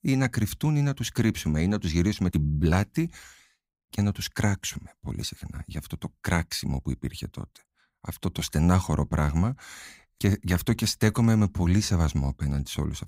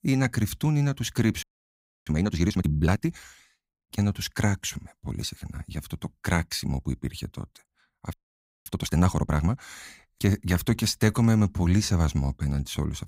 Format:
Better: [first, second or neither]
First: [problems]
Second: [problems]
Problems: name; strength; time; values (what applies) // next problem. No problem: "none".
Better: first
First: none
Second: audio freezing; at 1.5 s for 0.5 s and at 8 s for 0.5 s